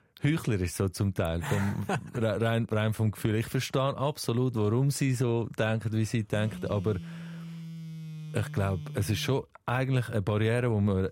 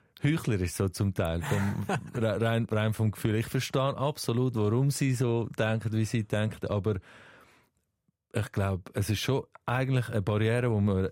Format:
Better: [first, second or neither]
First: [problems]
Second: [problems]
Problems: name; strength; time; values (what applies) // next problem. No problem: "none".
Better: second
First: phone ringing; faint; from 6.5 to 9.5 s; peak 10 dB below the speech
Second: none